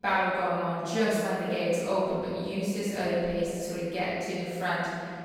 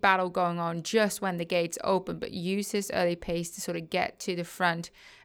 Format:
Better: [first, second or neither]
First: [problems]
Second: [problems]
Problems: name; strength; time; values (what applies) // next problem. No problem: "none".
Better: second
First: off-mic speech; far // room echo; strong; dies away in 2.3 s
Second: none